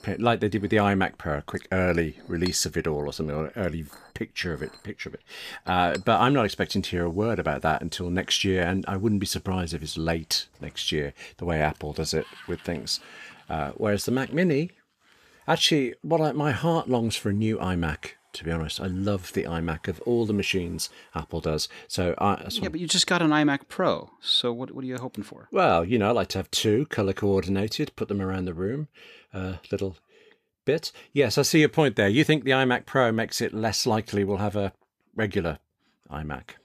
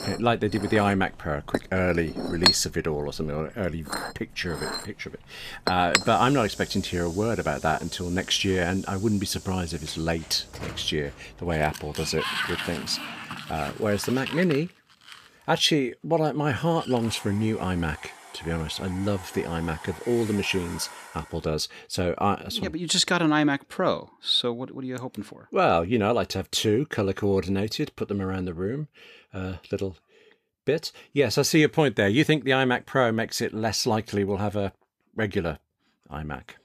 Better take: first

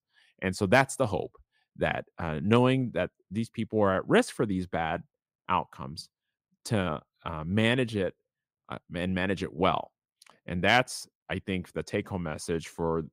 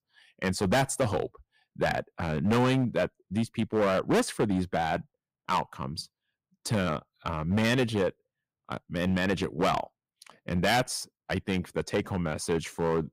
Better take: first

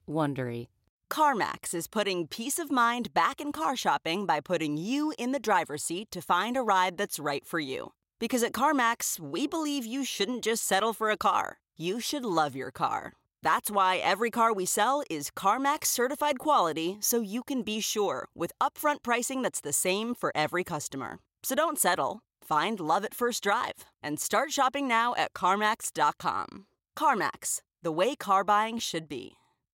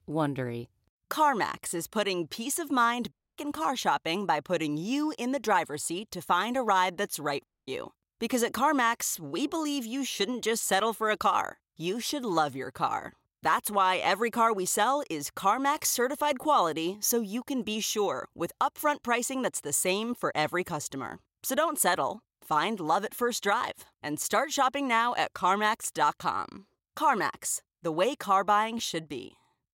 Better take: first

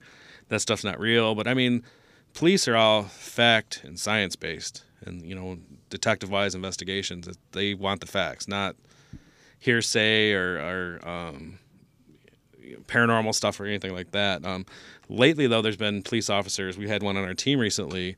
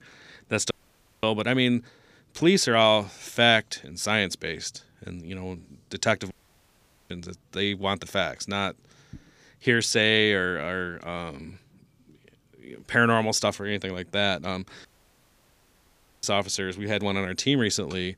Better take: first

